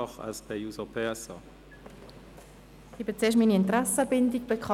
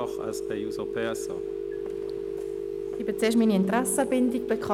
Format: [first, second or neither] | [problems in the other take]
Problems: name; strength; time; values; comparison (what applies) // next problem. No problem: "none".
first | background sound (Telephone); 4 dB below the speech